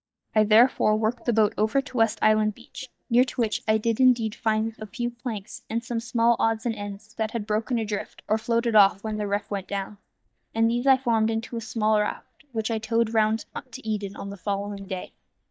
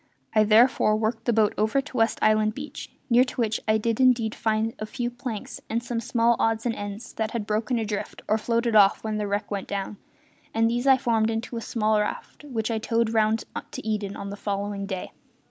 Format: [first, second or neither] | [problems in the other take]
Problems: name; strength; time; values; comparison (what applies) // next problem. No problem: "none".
second | noise reduction (neural mask model DeepFilterNet 3)